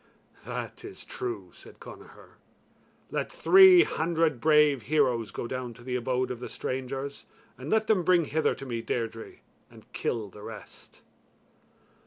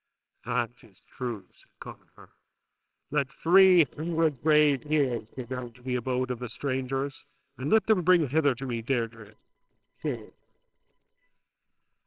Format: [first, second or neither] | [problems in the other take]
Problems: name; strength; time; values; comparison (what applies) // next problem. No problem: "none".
first | noise reduction (neural separator model SepFormer WHAMR!)